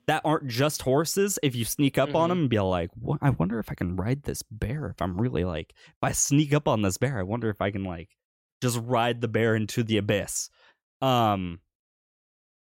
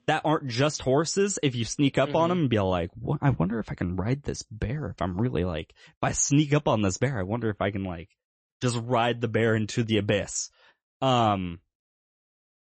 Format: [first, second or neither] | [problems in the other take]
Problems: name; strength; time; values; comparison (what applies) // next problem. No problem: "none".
first | garbled, watery; slightly; nothing above 7.5 kHz